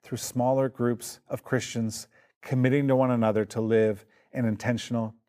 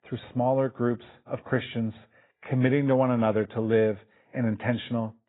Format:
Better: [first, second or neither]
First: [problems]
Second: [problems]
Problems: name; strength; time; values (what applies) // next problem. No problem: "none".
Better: first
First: none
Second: garbled, watery; badly; nothing above 4 kHz